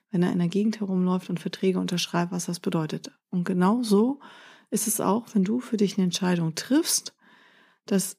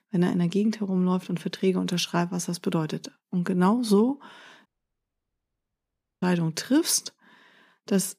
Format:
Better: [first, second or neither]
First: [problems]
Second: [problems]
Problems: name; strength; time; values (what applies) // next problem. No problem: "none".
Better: first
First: none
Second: audio cutting out; at 4.5 s for 1.5 s